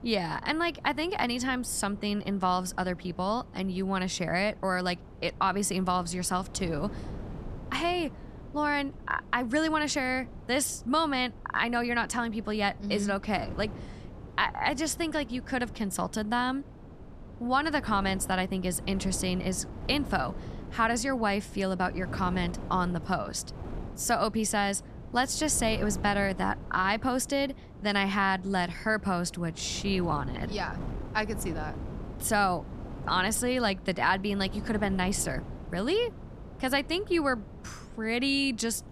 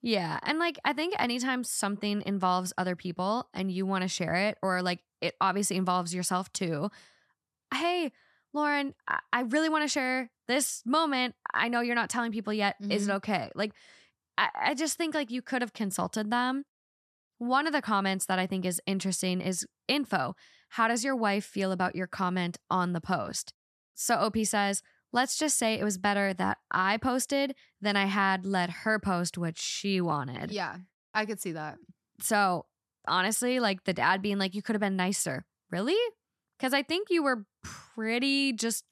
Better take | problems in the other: second | wind noise on the microphone; occasional gusts; 20 dB below the speech

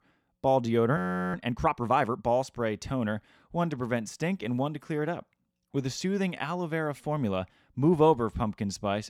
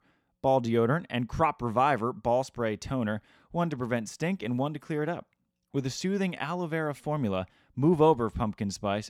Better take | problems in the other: second | audio freezing; at 1 s

